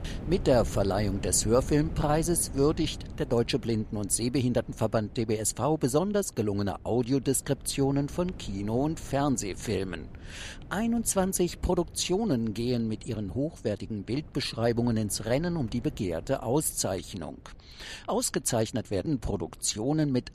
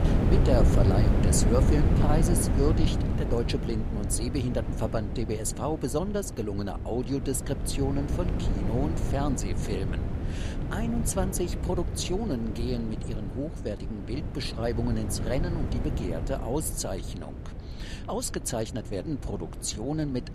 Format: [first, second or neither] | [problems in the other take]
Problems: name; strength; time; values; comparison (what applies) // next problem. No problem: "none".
first | wind noise on the microphone; heavy; 5 dB below the speech; occasional gusts in the first